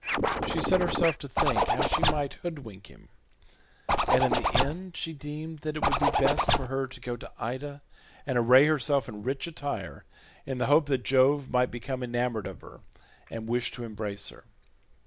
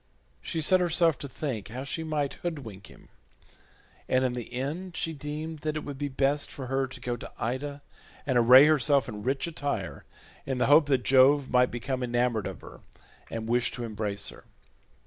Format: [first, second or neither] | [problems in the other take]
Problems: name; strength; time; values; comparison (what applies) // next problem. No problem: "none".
second | background sound (Zipper (clothing) + Scratching (performance technique)); 2 dB above the speech